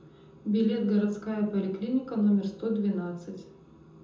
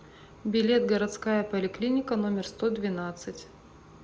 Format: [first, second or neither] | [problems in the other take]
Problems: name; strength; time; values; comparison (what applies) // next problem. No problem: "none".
second | room echo; dies away in 0.5 s